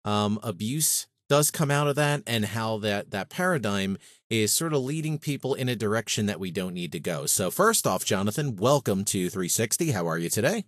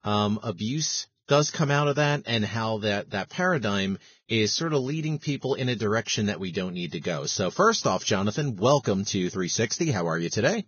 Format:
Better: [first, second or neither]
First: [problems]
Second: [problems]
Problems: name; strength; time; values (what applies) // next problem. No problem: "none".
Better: first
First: garbled, watery; slightly; nothing above 12.5 kHz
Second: garbled, watery; badly; nothing above 6.5 kHz